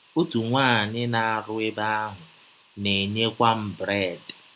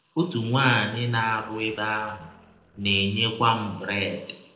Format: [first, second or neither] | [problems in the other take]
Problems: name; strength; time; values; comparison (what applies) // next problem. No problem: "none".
first | noise reduction (neural separator model SepFormer DNS4)